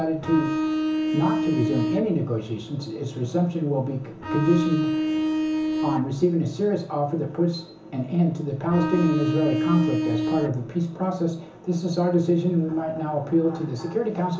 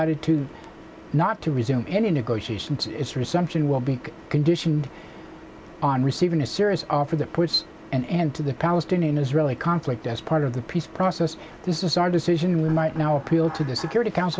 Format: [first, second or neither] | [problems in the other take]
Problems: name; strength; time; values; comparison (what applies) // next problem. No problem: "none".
second | background sound (Bowed string instrument); as loud as the speech // room echo; dies away in 0.7 s